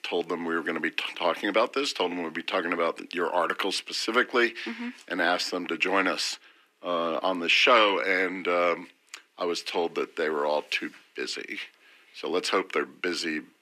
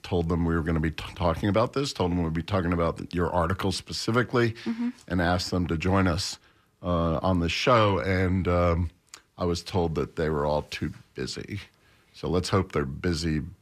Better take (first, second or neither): second